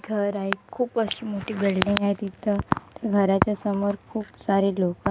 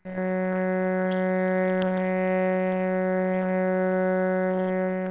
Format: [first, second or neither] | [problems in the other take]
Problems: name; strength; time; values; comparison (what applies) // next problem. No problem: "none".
first | noise reduction (neural separator model SepFormer WHAMR!)